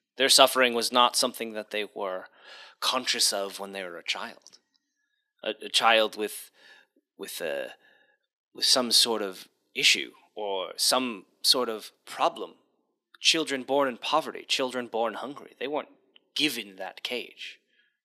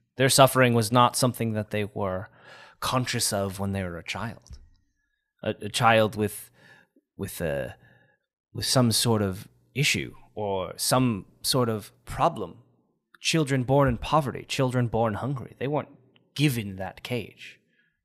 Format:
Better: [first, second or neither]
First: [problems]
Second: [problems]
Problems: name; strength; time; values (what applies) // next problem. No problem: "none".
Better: second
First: thin; somewhat; fading below 300 Hz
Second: none